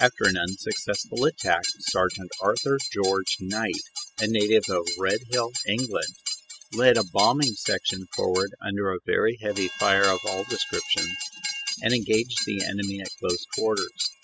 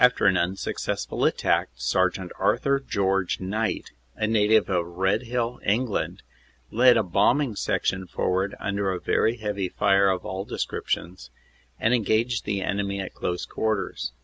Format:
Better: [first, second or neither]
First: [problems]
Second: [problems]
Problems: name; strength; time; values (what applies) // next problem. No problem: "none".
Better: second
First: noise reduction (classical method spectral subtraction)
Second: none